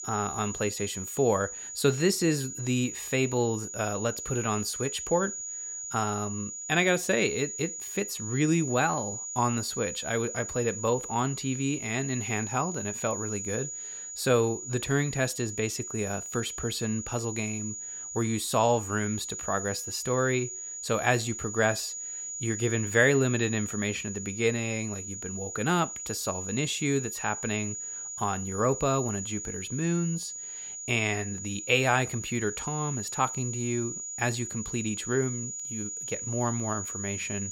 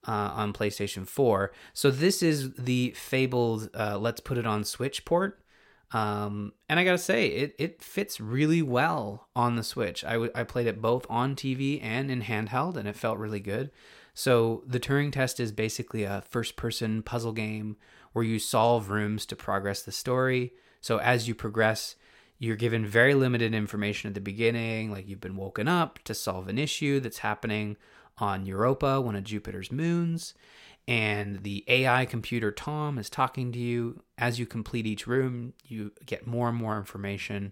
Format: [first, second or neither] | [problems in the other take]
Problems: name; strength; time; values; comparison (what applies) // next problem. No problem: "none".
second | high-pitched whine; loud; throughout; 7 kHz, 6 dB below the speech